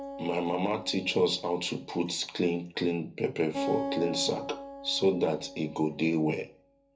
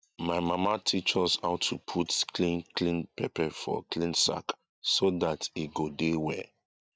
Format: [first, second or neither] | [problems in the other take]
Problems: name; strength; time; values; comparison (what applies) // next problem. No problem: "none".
second | background sound (Acoustic guitar); 10 dB below the speech // room echo; dies away in 0.3 s